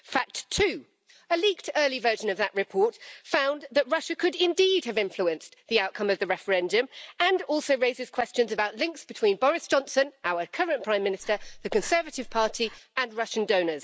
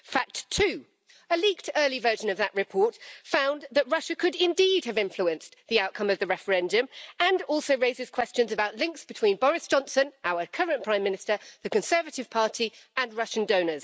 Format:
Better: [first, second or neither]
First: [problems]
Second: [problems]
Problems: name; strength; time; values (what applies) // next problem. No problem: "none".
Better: second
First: background sound (Breathing); 15 dB below the speech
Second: none